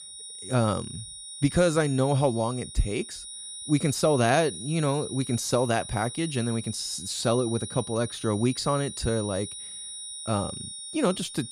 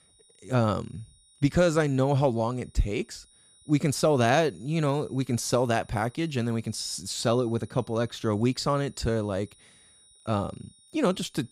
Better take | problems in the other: second | high-pitched whine; loud; throughout; 9.5 kHz, 10 dB below the speech; faint in the second

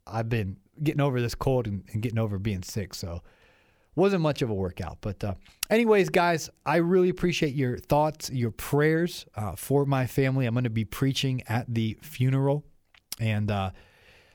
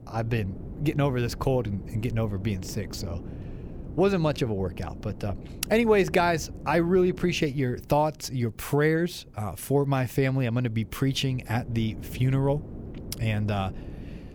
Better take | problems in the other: first | wind noise on the microphone; occasional gusts; 20 dB below the speech

